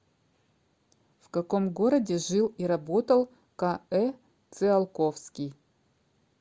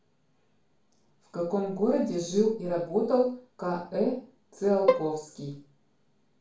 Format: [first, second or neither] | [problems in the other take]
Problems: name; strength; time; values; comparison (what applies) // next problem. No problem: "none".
first | background sound (Bowed string instrument); 1 dB below the speech // room echo; dies away in 0.4 s